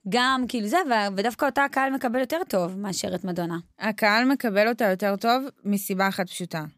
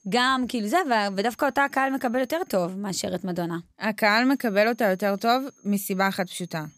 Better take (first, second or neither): first